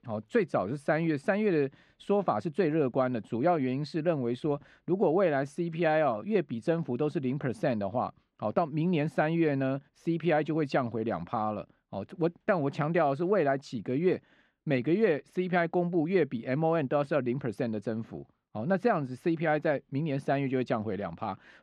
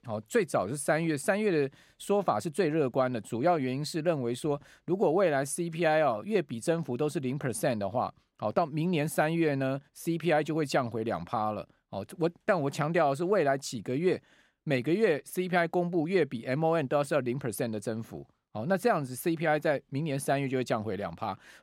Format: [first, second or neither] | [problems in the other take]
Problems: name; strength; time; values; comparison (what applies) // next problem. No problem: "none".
second | muffled; slightly; fading above 3.5 kHz